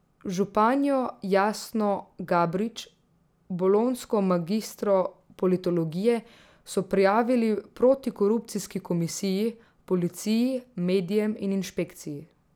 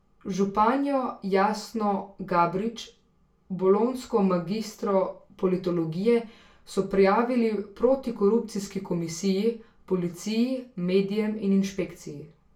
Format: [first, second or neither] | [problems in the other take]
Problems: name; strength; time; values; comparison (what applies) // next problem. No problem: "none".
first | room echo; dies away in 0.3 s